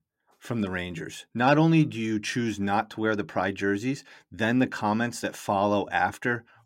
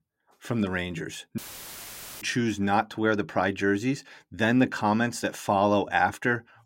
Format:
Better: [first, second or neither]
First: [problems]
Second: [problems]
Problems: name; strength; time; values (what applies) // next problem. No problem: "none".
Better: first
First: none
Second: audio cutting out; filled with static; at 1.5 s for 1 s